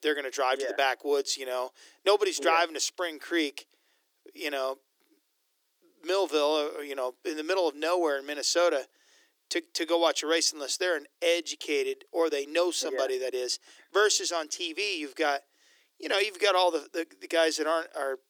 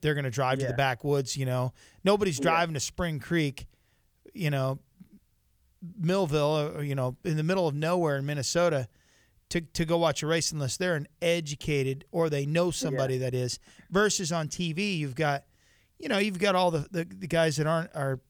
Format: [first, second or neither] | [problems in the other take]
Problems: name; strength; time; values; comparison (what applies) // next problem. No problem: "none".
second | thin; very; fading below 300 Hz